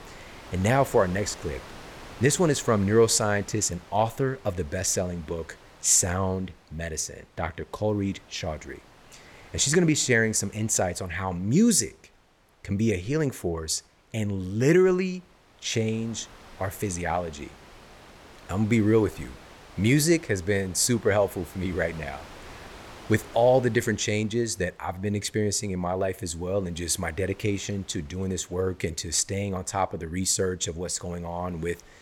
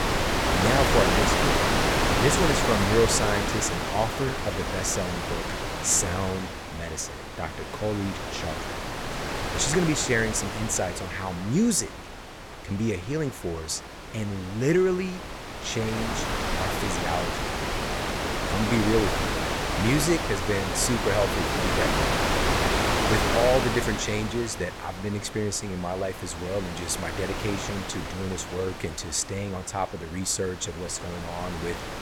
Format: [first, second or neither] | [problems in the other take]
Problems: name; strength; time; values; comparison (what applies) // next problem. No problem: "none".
first | wind noise on the microphone; heavy; 2 dB above the speech; occasional gusts in the first